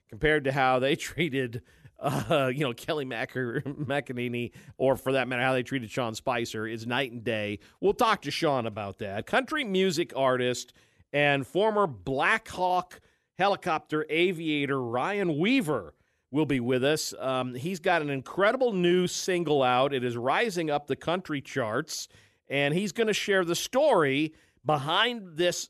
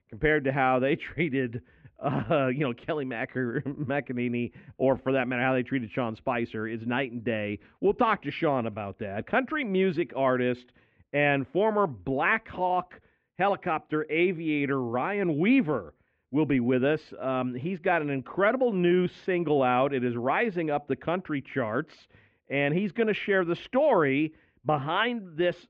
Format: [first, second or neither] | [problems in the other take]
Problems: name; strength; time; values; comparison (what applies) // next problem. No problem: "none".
first | muffled; very; fading above 2.5 kHz